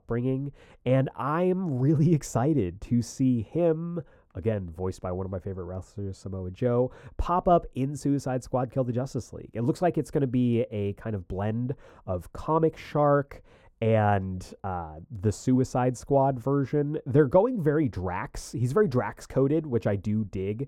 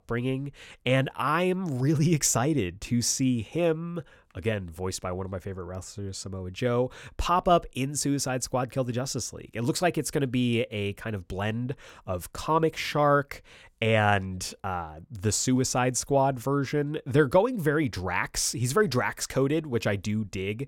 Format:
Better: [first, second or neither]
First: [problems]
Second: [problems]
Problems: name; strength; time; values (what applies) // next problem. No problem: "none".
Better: second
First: muffled; slightly; fading above 1.5 kHz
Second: none